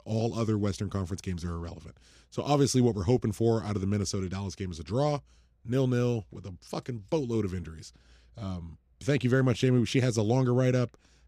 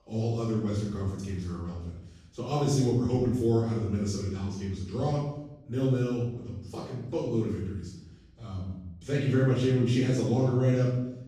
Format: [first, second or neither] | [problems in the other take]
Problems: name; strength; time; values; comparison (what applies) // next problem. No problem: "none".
first | off-mic speech; far // room echo; noticeable; dies away in 0.8 s